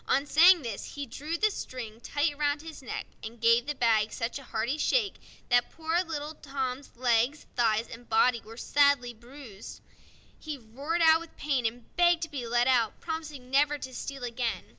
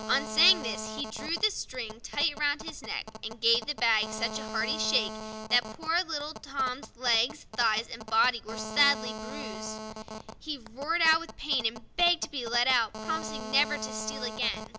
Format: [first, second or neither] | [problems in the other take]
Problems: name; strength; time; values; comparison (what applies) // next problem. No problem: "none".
first | background sound (Telephone); 10 dB below the speech